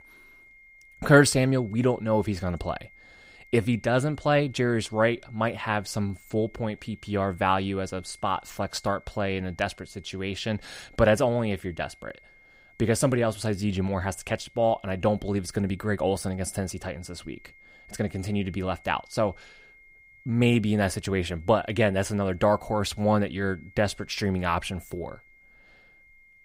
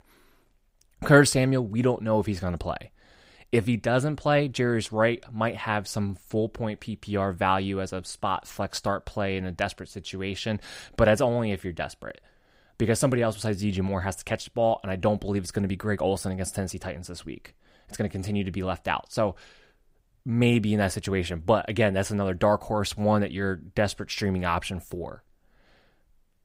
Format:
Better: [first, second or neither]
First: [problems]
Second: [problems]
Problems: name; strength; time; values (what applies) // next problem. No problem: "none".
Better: second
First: high-pitched whine; faint; throughout; 2 kHz, 25 dB below the speech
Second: none